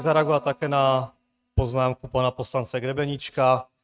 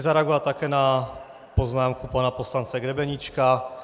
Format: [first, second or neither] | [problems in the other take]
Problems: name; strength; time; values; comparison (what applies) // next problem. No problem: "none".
second | noise reduction (neural mask model RNNoise)